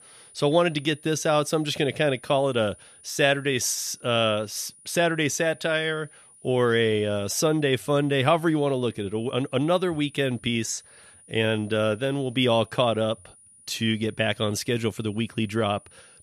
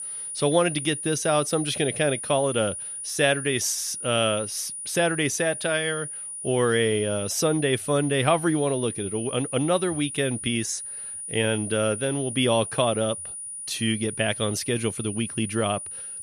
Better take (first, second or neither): first